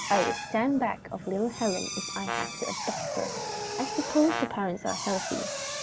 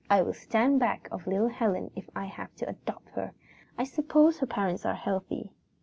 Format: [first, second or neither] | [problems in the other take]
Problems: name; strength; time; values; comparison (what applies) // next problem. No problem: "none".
second | background sound (Brass instrument + Drill); 4 dB below the speech